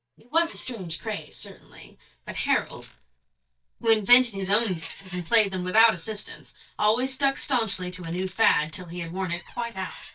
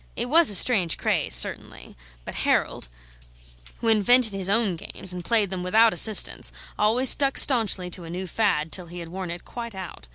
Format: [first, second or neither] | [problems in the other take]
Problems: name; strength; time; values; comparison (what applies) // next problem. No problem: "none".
second | noise reduction (neural mask model DeepFilterNet 3)